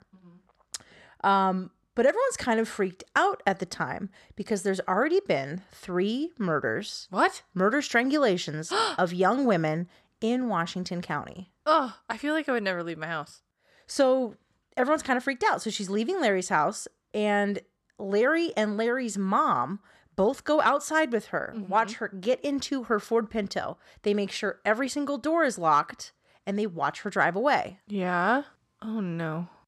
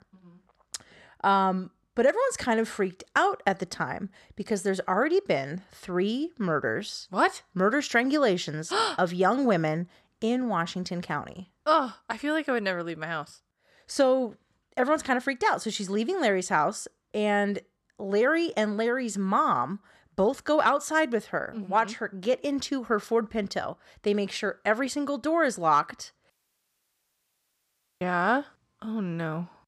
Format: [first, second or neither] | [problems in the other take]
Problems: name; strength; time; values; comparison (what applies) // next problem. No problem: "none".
first | audio cutting out; at 26 s for 1.5 s